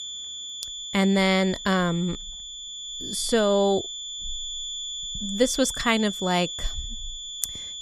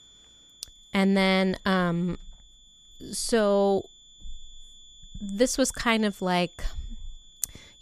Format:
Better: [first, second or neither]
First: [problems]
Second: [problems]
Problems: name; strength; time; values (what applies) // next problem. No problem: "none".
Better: second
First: high-pitched whine; loud; throughout; 3.5 kHz, 8 dB below the speech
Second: high-pitched whine; faint; throughout; 3.5 kHz, 25 dB below the speech